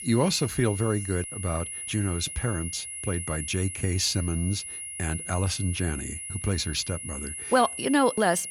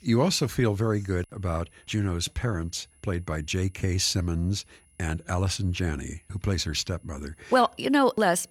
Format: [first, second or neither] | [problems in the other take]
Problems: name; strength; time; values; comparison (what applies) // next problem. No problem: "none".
second | high-pitched whine; loud; throughout; 10.5 kHz, 7 dB below the speech; faint in the second